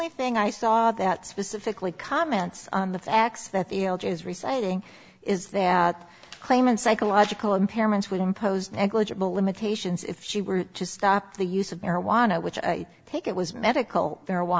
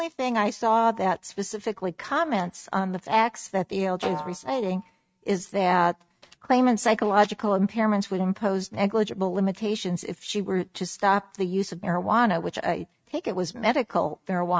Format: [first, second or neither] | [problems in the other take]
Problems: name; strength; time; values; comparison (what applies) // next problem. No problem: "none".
first | noise reduction (neural mask model RNNoise)